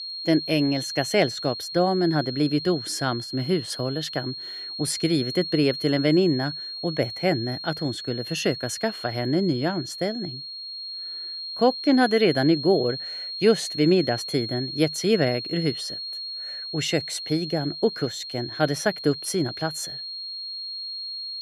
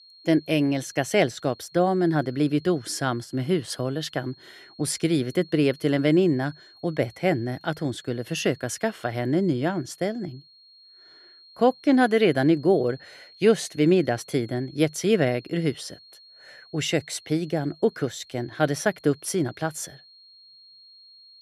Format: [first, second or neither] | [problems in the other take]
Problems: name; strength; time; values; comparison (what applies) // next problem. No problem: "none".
second | high-pitched whine; loud; throughout; 4.5 kHz, 7 dB below the speech; faint in the second